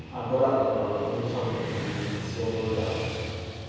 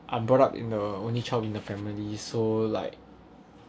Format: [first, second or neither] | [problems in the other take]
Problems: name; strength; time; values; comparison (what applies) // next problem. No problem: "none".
second | background sound (Motorcycle / Traffic noise, roadway noise); 7 dB below the speech // room echo; dies away in 2.2 s